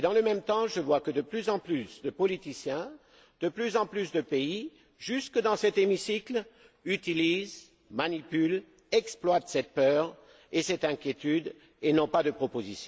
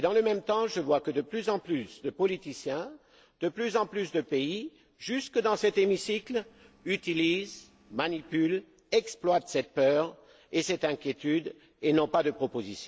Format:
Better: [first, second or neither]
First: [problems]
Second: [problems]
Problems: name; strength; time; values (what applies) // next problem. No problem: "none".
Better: first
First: none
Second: noise reduction (neural separator model SepFormer DNS4)